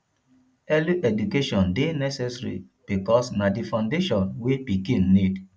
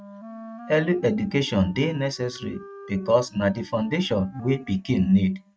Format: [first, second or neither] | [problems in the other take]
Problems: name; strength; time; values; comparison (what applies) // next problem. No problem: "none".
first | noise reduction (neural mask model RNNoise)